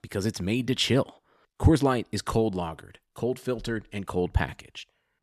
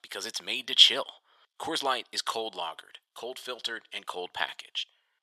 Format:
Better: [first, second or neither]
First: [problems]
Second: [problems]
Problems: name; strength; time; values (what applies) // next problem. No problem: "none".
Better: first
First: none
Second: thin; very; fading below 850 Hz